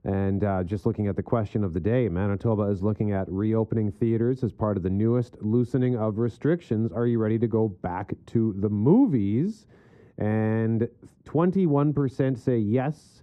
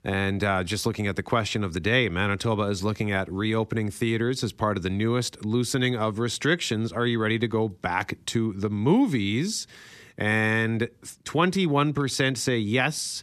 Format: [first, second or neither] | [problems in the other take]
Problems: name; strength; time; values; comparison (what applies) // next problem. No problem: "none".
second | muffled; very; fading above 1.5 kHz